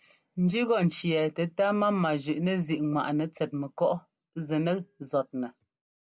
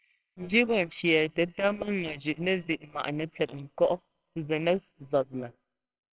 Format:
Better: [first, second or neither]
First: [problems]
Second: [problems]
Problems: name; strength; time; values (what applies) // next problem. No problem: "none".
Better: first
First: none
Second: noise reduction (neural separator model SepFormer WHAMR!)